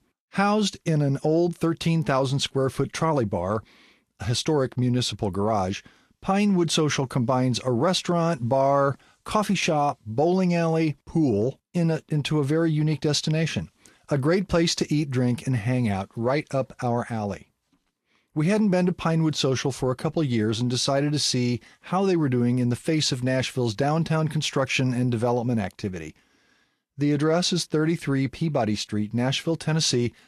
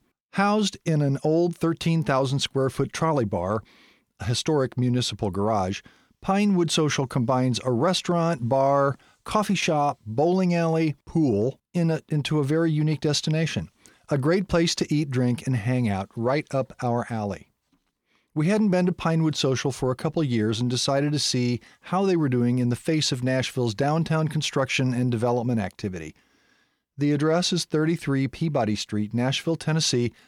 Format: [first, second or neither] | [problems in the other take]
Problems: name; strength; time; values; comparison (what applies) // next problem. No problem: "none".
second | garbled, watery; slightly